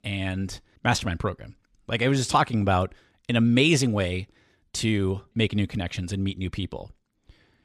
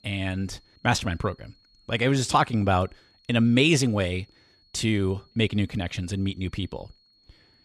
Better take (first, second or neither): first